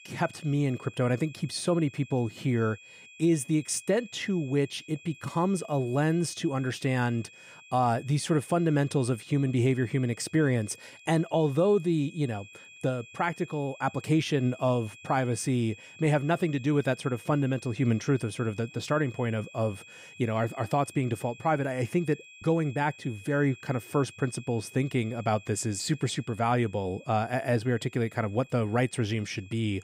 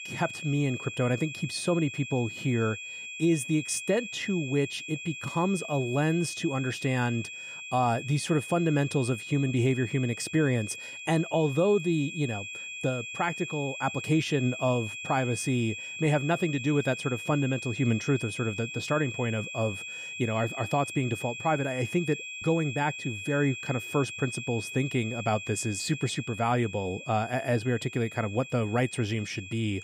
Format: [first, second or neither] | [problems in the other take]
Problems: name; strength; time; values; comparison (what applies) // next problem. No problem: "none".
first | high-pitched whine; loud; throughout; 2.5 kHz, 8 dB below the speech; faint in the first